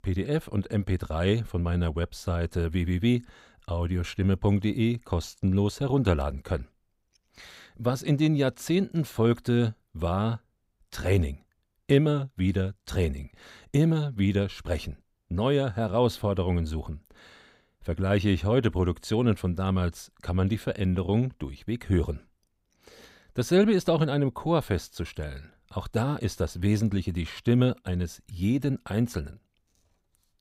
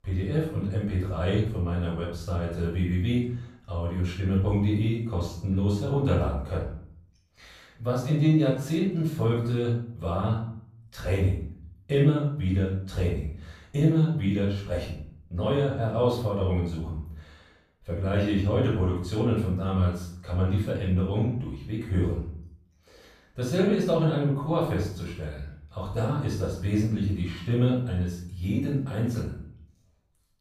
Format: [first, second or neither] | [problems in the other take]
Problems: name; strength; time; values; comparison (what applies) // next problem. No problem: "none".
first | off-mic speech; far // room echo; noticeable; dies away in 0.5 s